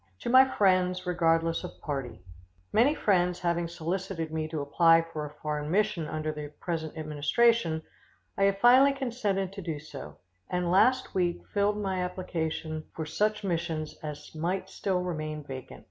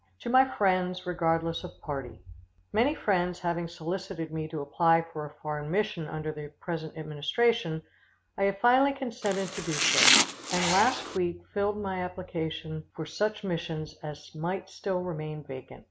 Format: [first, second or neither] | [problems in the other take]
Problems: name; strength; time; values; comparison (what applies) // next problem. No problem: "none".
first | background sound (Domestic sounds, home sounds); 3 dB above the speech